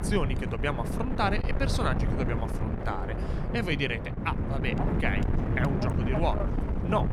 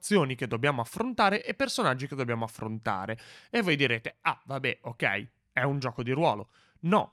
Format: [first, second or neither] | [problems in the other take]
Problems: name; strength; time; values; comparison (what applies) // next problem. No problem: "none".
second | wind noise on the microphone; heavy; 5 dB below the speech